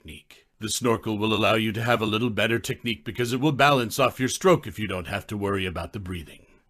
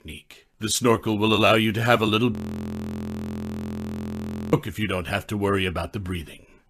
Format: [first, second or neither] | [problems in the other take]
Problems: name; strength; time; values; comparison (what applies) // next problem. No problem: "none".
first | audio freezing; at 2.5 s for 2 s